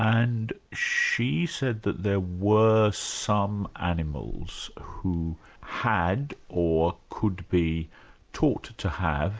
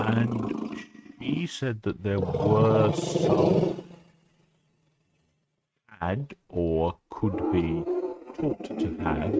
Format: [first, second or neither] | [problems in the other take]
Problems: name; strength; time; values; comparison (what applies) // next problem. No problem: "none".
first | noise reduction (neural mask model RNNoise)